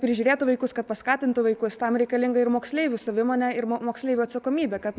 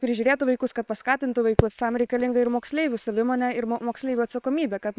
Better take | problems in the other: first | noise reduction (neural separator model SepFormer WHAM!)

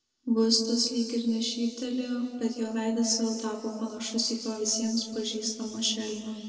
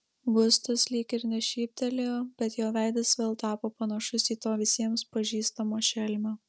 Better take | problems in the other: second | room echo; dies away in 2.1 s

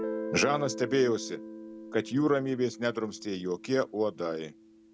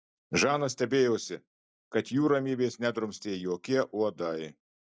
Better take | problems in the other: second | background sound (Guitar); 11 dB below the speech

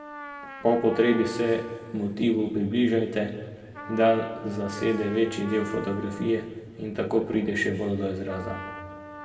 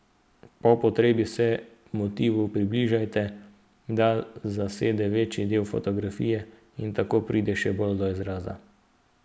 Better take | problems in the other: second | background sound (Trumpet); 16 dB below the speech // room echo; dies away in 1.6 s

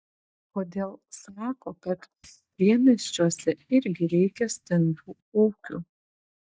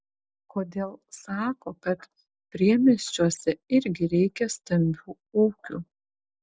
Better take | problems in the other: second | noise reduction (neural mask model DeepFilterNet 3)

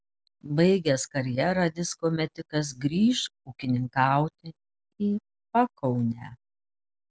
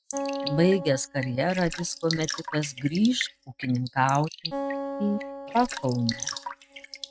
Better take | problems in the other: first | noise reduction (neural mask model RNNoise)

